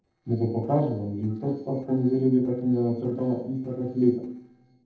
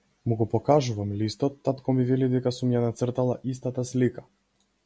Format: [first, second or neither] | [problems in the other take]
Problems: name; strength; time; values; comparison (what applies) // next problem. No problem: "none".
second | noise reduction (neural separator model SepFormer DNS4)